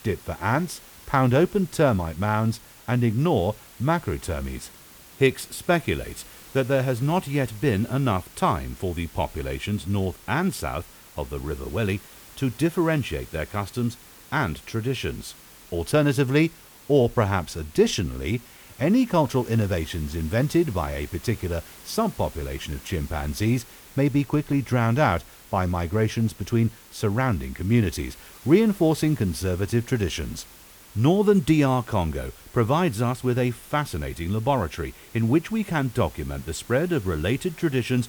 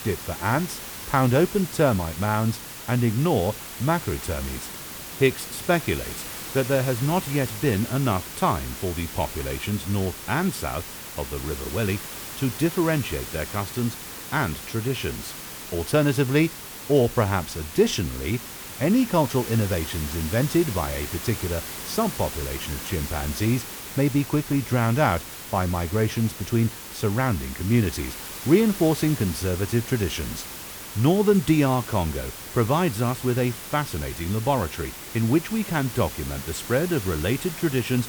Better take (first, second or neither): first